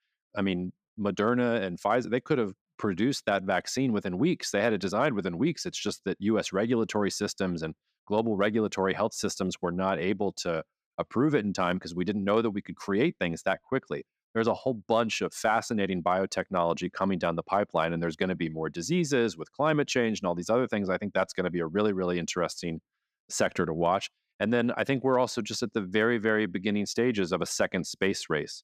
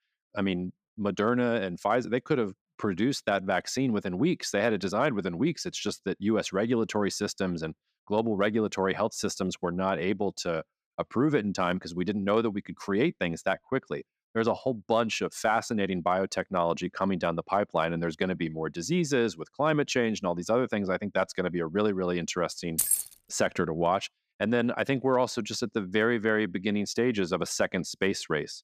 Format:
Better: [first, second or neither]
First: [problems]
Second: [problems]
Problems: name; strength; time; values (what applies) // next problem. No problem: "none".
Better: first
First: none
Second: jangling keys; loud; at 23 s; peak 4 dB above the speech